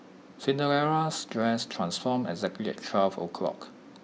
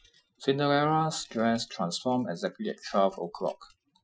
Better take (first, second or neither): first